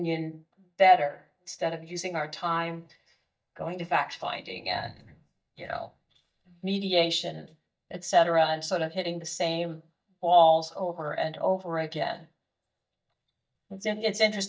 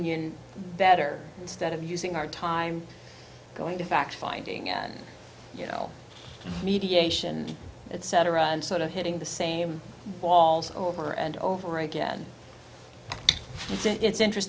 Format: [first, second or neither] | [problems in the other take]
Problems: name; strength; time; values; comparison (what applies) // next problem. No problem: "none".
second | noise reduction (neural mask model DeepFilterNet 3)